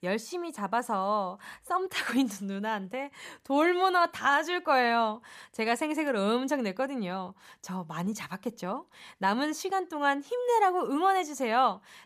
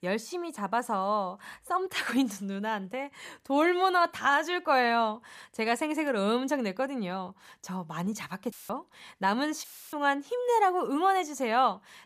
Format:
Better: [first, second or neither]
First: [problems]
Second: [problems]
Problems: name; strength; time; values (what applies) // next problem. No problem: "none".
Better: first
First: none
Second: audio cutting out; filled with static; at 8.5 s and at 9.5 s